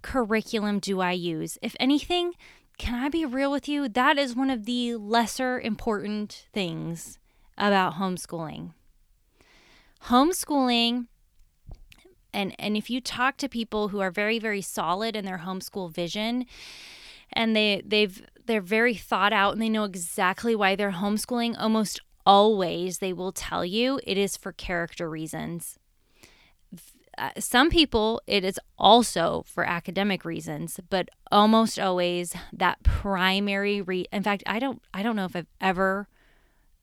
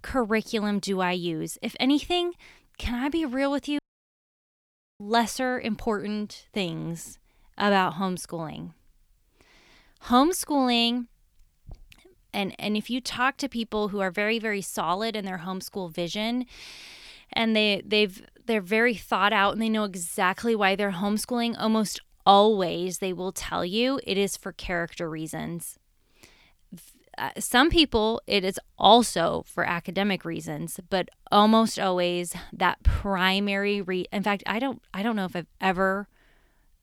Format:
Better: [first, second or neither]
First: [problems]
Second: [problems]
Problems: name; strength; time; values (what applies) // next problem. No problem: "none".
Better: first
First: none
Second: audio cutting out; at 4 s for 1 s